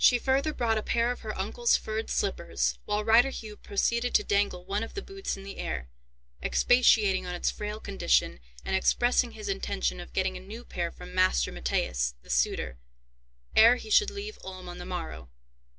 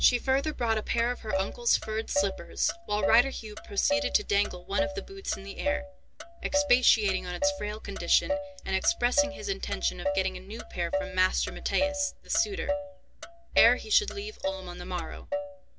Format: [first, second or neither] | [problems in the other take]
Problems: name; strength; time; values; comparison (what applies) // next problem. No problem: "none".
first | background sound (Motor vehicle (road)); 5 dB below the speech